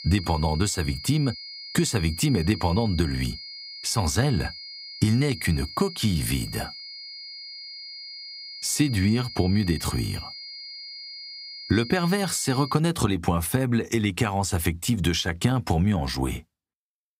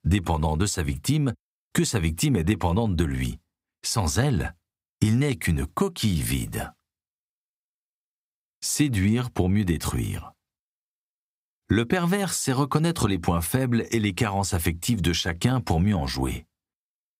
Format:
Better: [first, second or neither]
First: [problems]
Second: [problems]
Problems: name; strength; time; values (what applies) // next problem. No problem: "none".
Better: second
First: high-pitched whine; noticeable; until 13 s; 5 kHz, 10 dB below the speech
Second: none